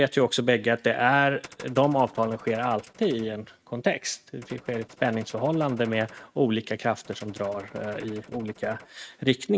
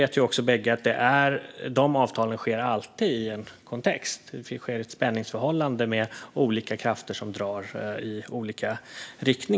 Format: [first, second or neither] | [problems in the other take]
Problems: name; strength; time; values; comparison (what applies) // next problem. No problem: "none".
second | noise reduction (neural mask model RNNoise)